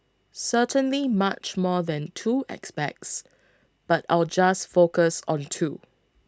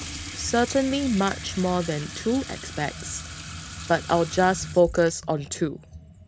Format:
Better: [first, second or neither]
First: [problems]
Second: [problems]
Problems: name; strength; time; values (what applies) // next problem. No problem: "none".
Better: first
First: none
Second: background sound (Sink (filling or washing) / Water tap, faucet); 12 dB below the speech